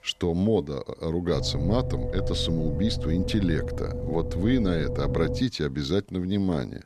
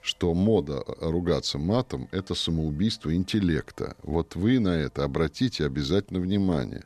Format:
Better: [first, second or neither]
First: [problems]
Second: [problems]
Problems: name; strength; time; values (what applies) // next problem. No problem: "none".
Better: second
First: low rumble; loud; from 1.5 to 5.5 s; 6 dB below the speech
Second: none